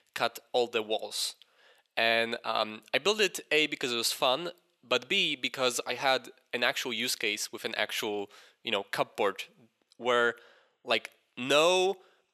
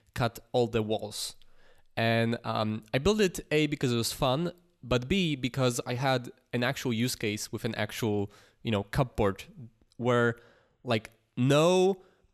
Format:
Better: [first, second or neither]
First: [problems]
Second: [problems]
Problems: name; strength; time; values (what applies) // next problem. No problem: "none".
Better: second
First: thin; somewhat; fading below 450 Hz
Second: none